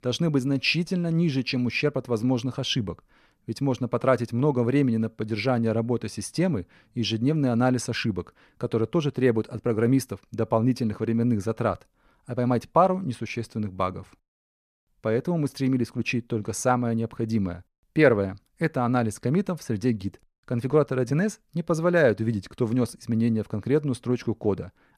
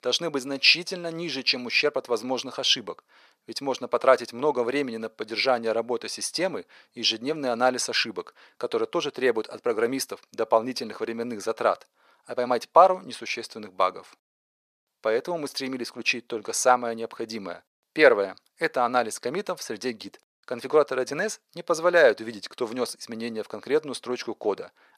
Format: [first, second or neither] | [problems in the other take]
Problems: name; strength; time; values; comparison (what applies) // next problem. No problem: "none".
first | thin; very; fading below 600 Hz